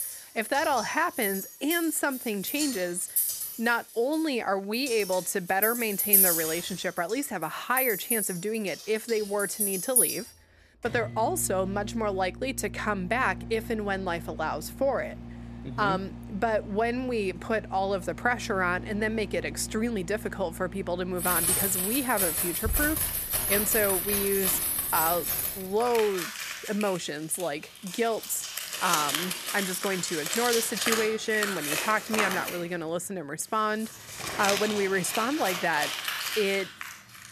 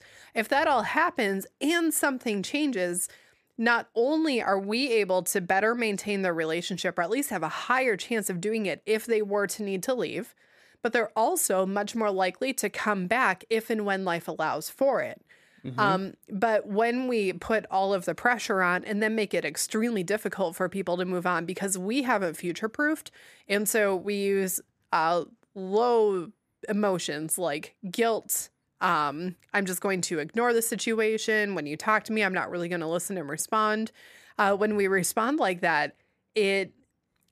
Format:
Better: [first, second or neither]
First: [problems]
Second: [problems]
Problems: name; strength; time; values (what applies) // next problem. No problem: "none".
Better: second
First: household noises; very loud; throughout; as loud as the speech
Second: none